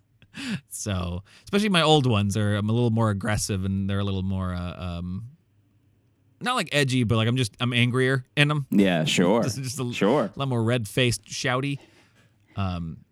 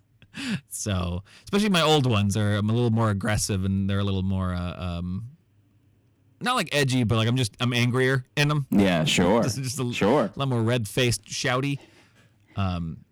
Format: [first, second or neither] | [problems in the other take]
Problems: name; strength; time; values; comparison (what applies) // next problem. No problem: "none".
first | distortion; slight; 4% of the sound clipped